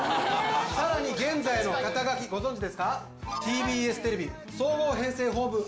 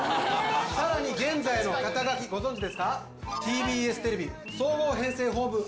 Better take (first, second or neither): first